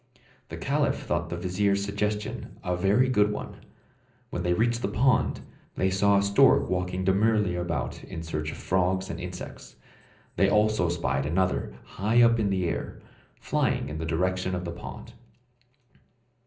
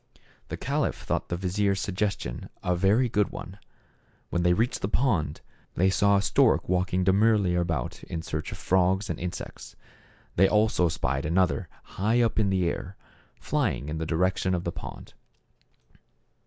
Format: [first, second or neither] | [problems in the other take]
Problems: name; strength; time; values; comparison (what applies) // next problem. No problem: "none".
second | room echo; dies away in 0.5 s